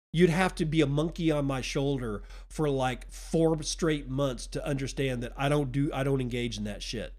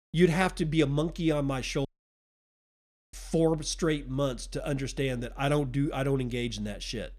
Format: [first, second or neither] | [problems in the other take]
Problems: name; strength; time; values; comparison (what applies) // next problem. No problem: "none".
first | audio cutting out; at 2 s for 1.5 s